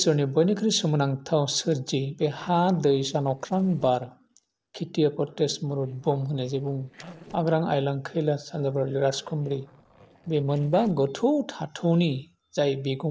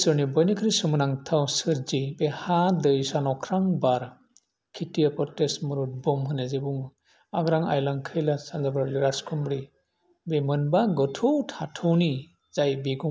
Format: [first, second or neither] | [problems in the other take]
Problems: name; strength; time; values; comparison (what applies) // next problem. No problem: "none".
second | noise reduction (neural separator model SepFormer DNS4)